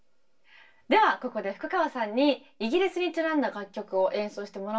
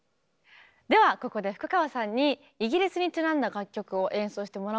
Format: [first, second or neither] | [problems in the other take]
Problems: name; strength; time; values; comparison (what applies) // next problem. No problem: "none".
second | room echo; dies away in 0.2 s